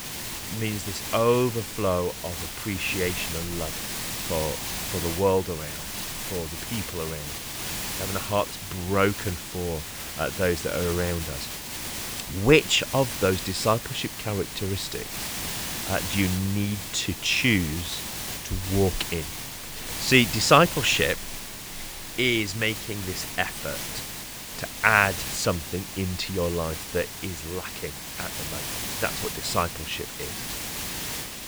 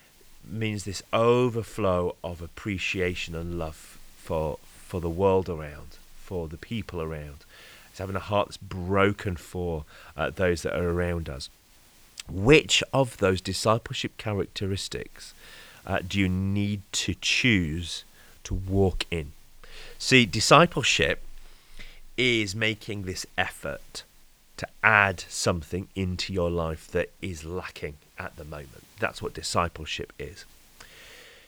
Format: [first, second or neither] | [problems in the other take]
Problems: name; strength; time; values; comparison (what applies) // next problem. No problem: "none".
second | hiss; loud; throughout; 6 dB below the speech; faint in the second